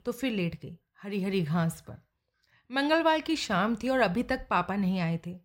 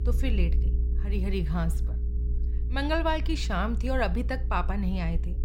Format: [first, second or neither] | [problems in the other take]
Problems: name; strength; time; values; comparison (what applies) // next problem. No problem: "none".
first | low rumble; noticeable; throughout; 15 dB below the speech